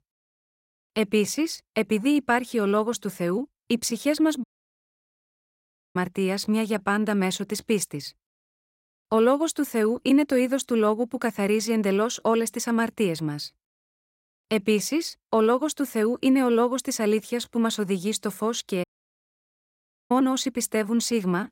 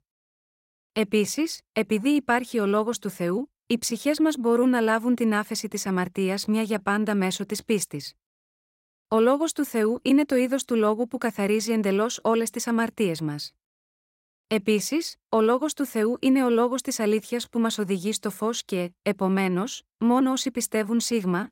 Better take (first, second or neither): second